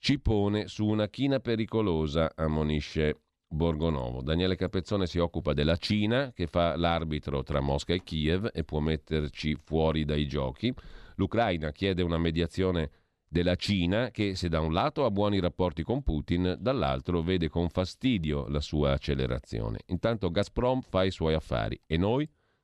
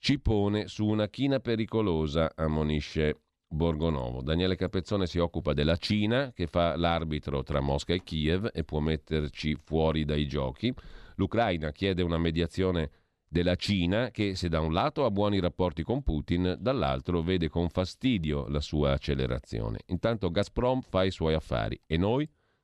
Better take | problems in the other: neither | none

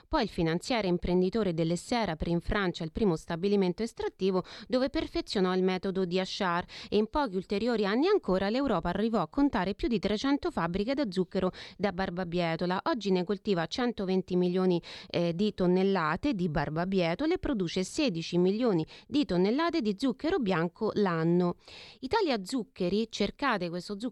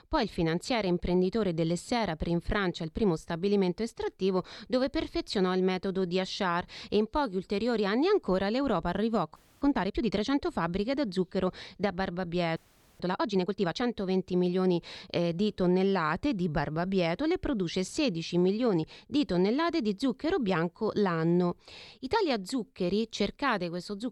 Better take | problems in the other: first | audio freezing; at 9.5 s and at 13 s

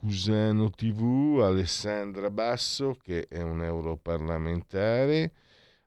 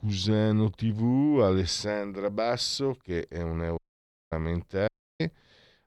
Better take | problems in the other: first | audio cutting out; at 4 s for 0.5 s and at 5 s

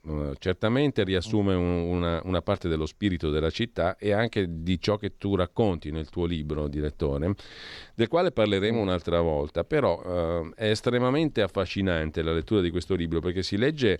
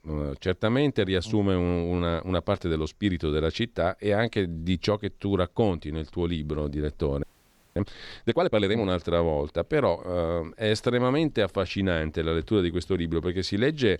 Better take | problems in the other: first | audio freezing; at 7 s for 0.5 s

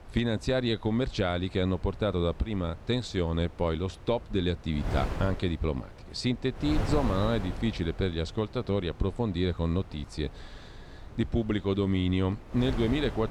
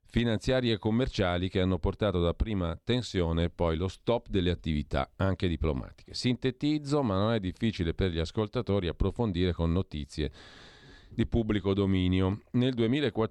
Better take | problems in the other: second | wind noise on the microphone; occasional gusts; 15 dB below the speech

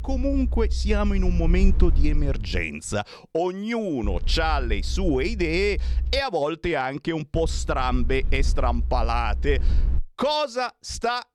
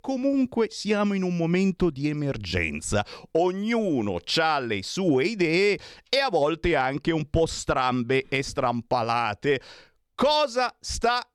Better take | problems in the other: second | low rumble; faint; until 2.5 s, from 4 to 6 s and from 7.5 to 10 s; 20 dB below the speech

